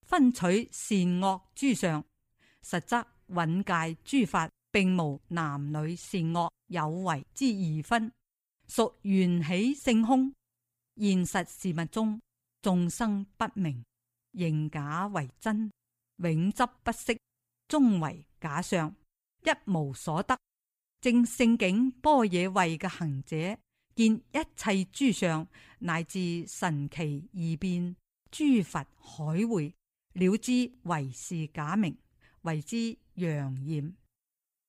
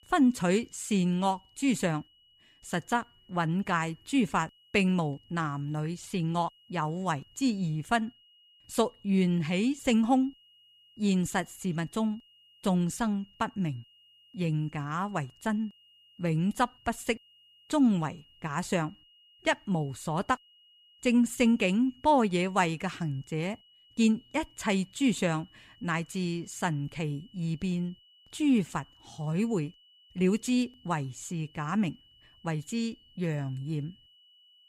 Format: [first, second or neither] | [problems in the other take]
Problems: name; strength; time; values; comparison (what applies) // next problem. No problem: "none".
first | high-pitched whine; faint; throughout; 3 kHz, 30 dB below the speech